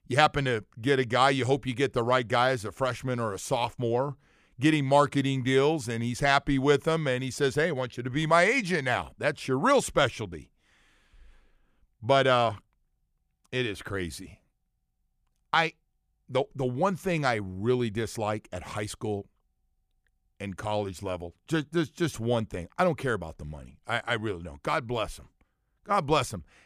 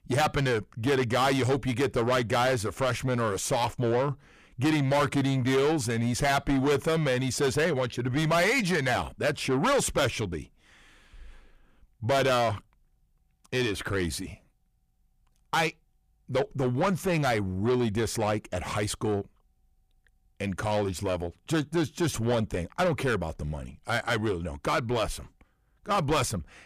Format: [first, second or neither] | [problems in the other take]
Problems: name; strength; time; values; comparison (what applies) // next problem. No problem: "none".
first | distortion; heavy; 6 dB below the speech